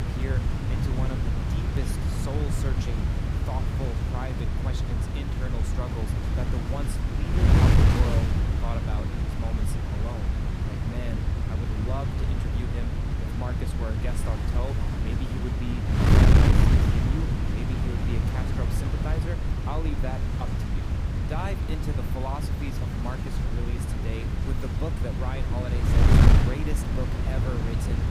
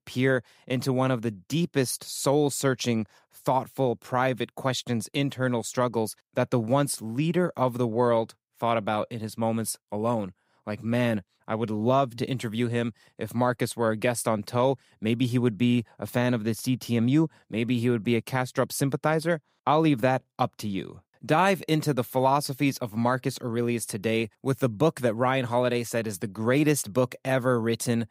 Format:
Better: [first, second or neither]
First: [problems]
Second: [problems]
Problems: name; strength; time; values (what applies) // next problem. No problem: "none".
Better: second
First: wind noise on the microphone; heavy; 4 dB above the speech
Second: none